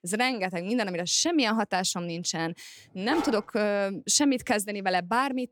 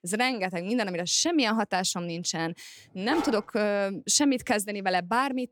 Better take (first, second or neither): neither